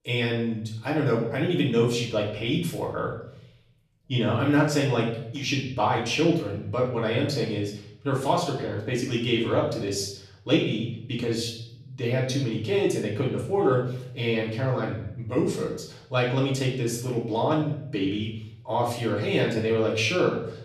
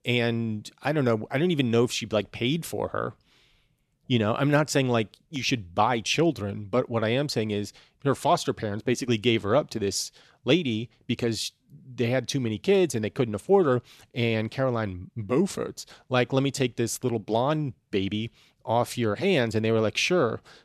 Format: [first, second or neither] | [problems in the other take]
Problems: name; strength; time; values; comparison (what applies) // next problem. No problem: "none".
second | room echo; noticeable; dies away in 0.6 s // off-mic speech; far